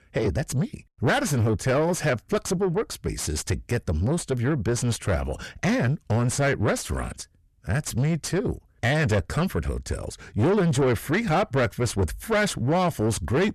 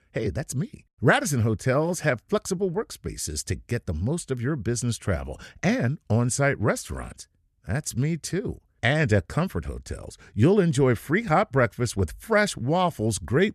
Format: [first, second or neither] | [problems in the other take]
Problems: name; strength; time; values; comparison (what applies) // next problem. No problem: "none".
second | distortion; heavy; 6 dB below the speech